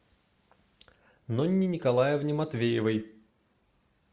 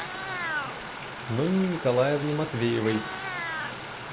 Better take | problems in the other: first | background sound (Stream + Meow); 6 dB below the speech

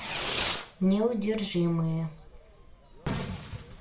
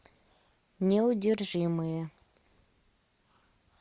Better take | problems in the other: second | background sound (Fireworks); 7 dB below the speech // room echo; dies away in 0.3 s

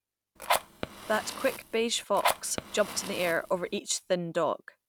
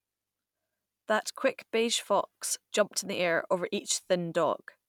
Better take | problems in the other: second | background sound (Fire); 4 dB below the speech

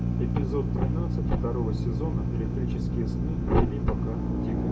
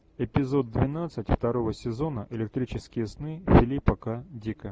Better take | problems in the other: second | background sound (Drill); 4 dB above the speech // room echo; dies away in 0.2 s

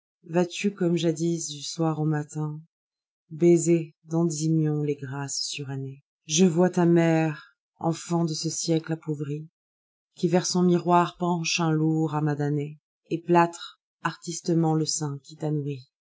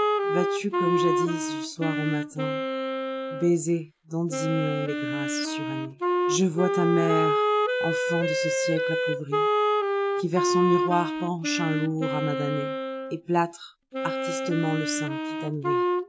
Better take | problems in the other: first | background sound (Wind instrument, woodwind instrument); 2 dB above the speech

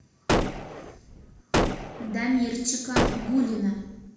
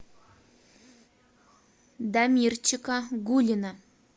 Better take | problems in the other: second | background sound (Gunshot, gunfire); 1 dB above the speech // room echo; dies away in 1 s

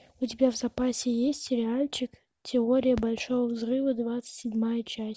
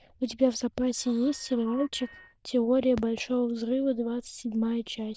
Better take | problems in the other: first | noise reduction (neural diffusion model UNIVERSE++)

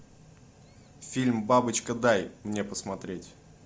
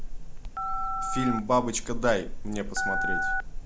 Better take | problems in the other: first | background sound (Telephone); 1 dB above the speech

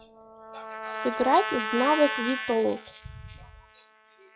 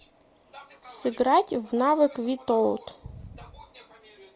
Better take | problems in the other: second | noise reduction (classical method log-MMSE)

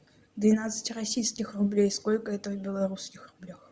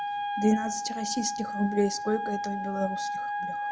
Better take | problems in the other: first | background sound (Wind instrument, woodwind instrument); 2 dB below the speech

